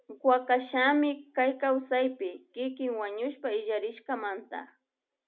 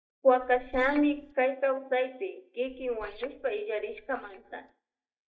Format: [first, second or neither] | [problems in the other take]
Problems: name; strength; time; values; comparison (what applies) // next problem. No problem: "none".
first | noise reduction (neural mask model DeepFilterNet 3)